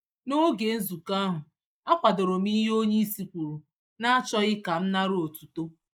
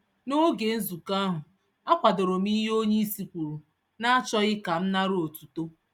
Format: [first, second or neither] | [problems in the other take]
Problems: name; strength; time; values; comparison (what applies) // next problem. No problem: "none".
second | noise reduction (neural mask model Resemble Enhance denoiser)